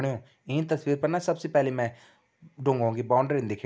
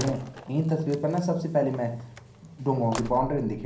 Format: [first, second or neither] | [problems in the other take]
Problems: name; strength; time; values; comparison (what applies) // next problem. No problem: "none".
first | background sound (Slam); 14 dB below the speech // room echo; dies away in 0.6 s